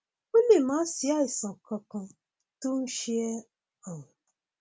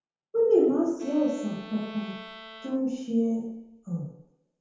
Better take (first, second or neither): first